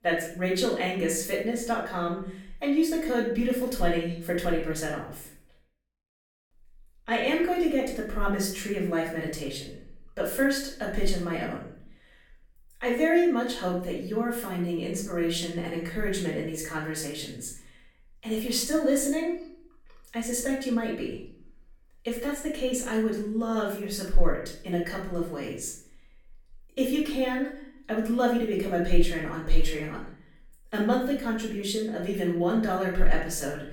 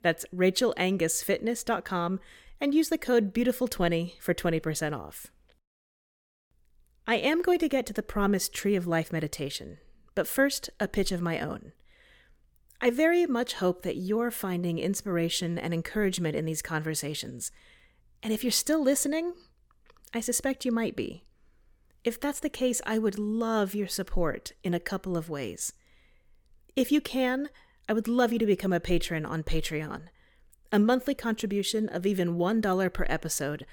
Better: second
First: off-mic speech; far // room echo; noticeable; dies away in 0.5 s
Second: none

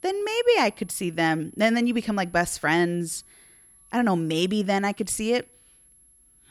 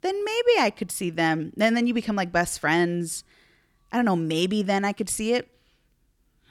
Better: second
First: high-pitched whine; faint; throughout; 11 kHz, 25 dB below the speech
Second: none

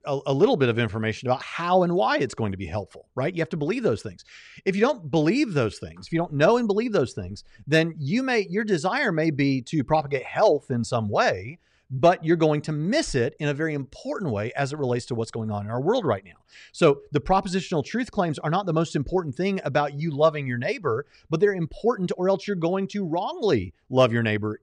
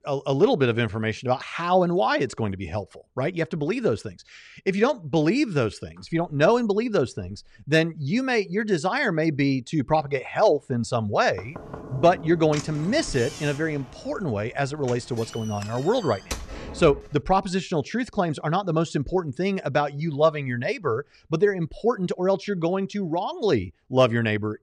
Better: first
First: none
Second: door banging; noticeable; from 11 to 17 s; peak 10 dB below the speech

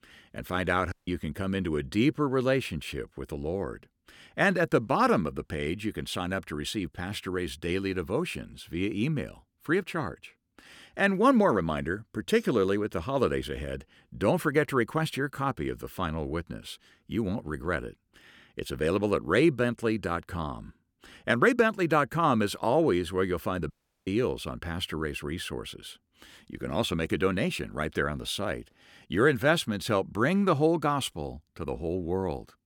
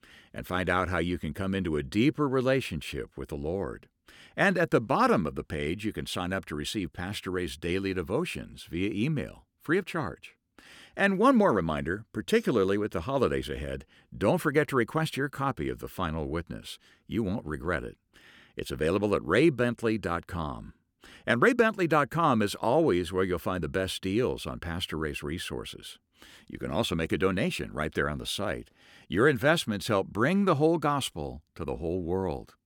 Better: second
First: audio cutting out; at 1 s and at 24 s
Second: none

